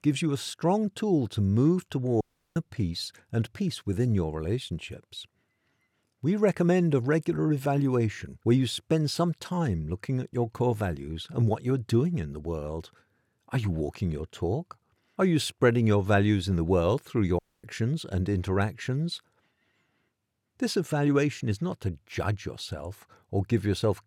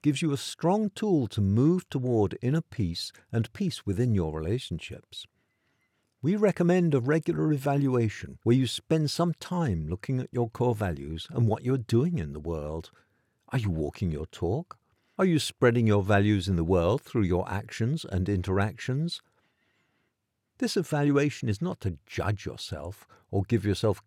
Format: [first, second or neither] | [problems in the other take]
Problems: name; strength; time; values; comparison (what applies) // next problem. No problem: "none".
second | audio cutting out; at 2 s and at 17 s